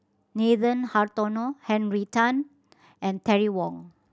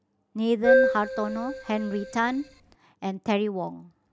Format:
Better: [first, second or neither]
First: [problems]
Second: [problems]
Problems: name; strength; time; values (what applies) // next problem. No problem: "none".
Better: first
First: none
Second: background sound (Keyboard (musical)); 3 dB above the speech